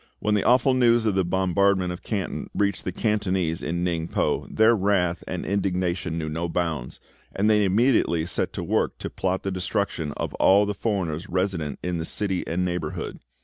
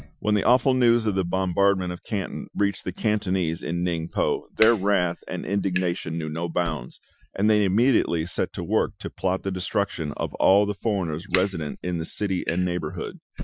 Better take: first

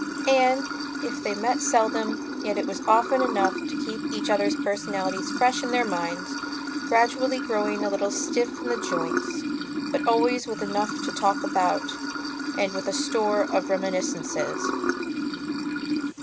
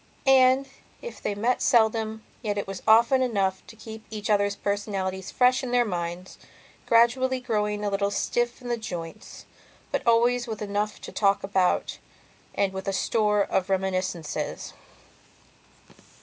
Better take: second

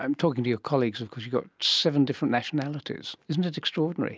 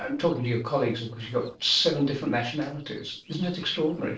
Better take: first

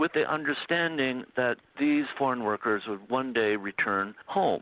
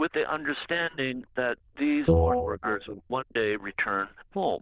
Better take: first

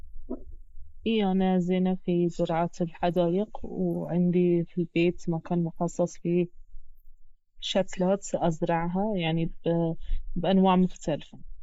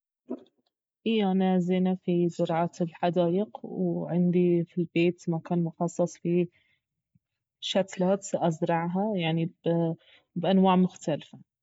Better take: second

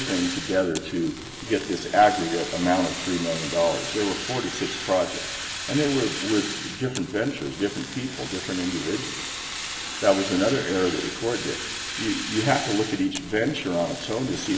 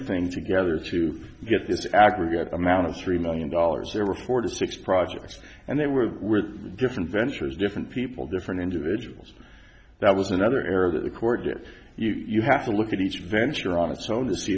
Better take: second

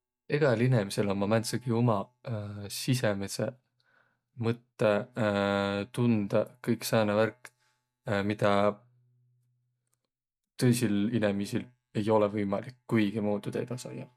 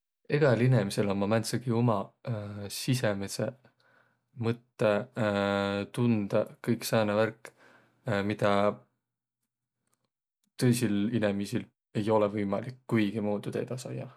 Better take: second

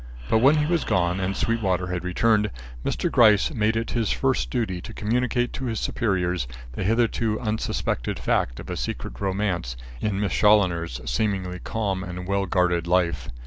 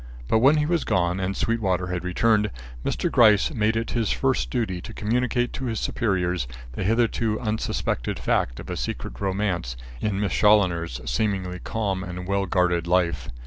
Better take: second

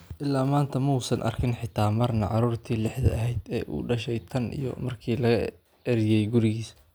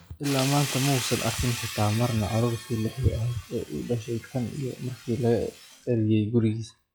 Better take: first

